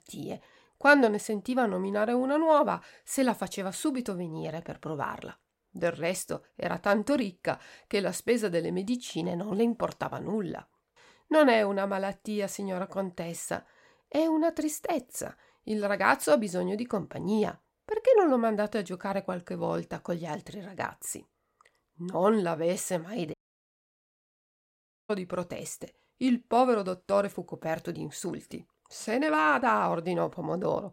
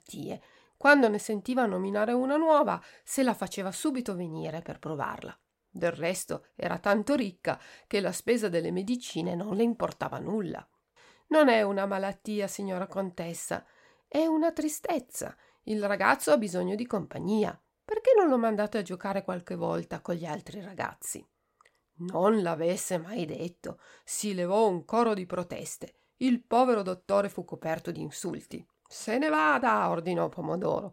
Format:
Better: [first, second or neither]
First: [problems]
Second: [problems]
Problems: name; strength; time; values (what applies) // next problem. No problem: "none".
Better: second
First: audio cutting out; at 23 s for 2 s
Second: none